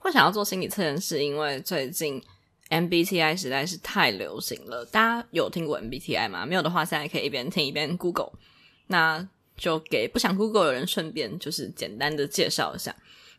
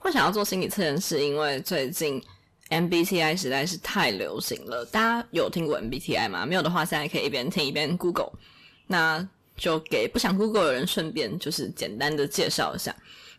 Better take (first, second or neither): first